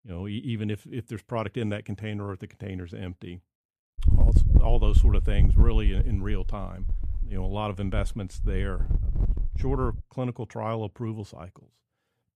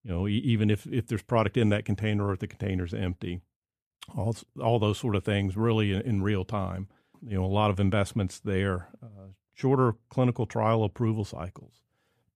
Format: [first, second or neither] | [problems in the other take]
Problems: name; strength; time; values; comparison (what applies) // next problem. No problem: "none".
second | wind noise on the microphone; heavy; from 4 to 10 s; 7 dB below the speech